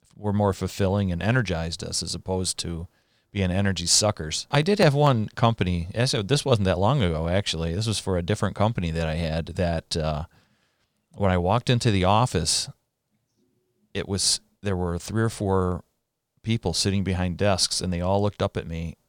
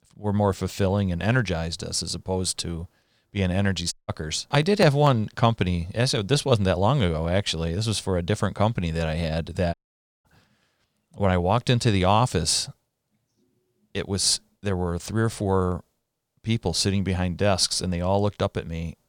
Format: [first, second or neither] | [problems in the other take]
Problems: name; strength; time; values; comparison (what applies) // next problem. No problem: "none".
first | audio cutting out; at 4 s and at 9.5 s for 0.5 s